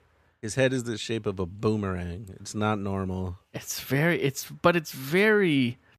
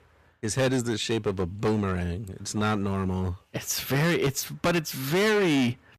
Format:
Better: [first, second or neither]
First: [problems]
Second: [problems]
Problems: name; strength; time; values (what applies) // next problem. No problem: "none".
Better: first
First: none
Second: distortion; heavy; 13% of the sound clipped